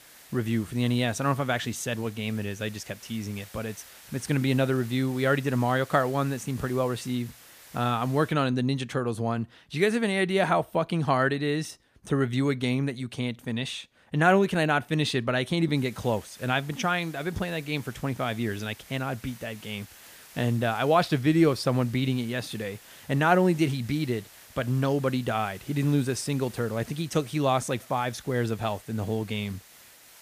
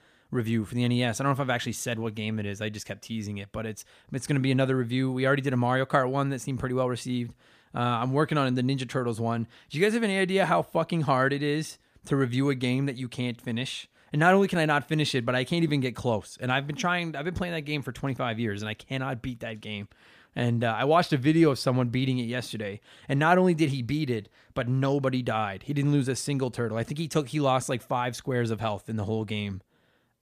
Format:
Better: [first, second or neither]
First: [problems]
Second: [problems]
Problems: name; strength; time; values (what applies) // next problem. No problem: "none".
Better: second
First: hiss; faint; until 8.5 s and from 16 s on; 20 dB below the speech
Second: none